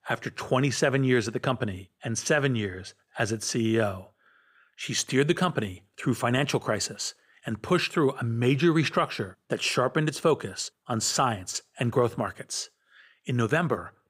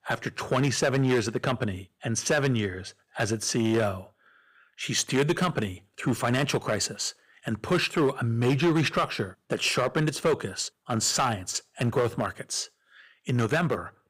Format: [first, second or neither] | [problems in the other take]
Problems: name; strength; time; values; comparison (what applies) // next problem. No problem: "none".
first | distortion; slight; 5% of the sound clipped